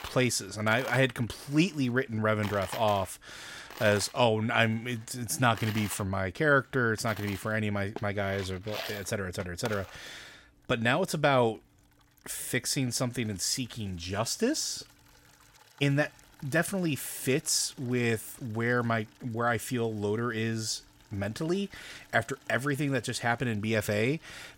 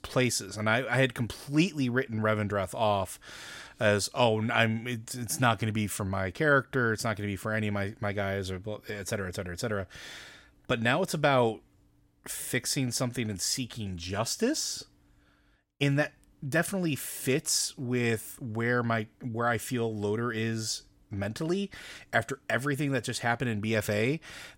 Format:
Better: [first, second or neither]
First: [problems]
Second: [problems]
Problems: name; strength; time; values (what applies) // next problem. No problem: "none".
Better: second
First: household noises; noticeable; throughout; 15 dB below the speech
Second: none